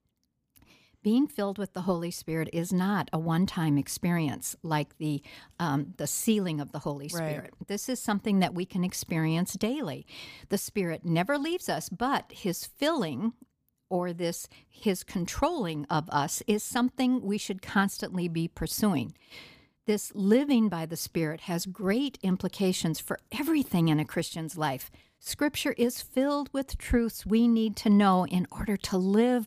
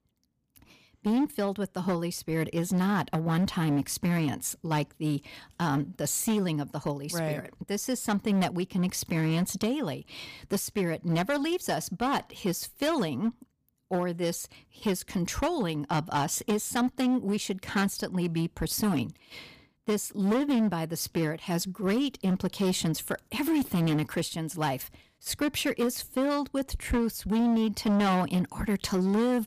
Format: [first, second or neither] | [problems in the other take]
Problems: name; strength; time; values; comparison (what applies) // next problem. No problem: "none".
first | distortion; slight; 10% of the sound clipped